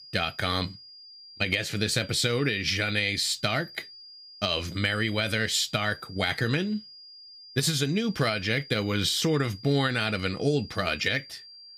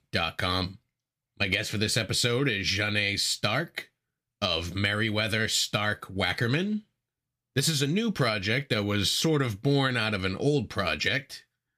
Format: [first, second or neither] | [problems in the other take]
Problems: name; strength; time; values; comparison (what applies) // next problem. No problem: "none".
second | high-pitched whine; noticeable; throughout; 5 kHz, 20 dB below the speech